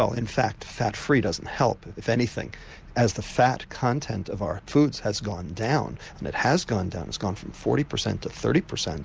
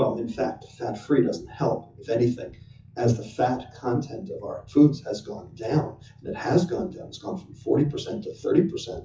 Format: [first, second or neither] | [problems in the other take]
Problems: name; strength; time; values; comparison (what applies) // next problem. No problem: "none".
first | noise reduction (classical method WPE with log-MMSE)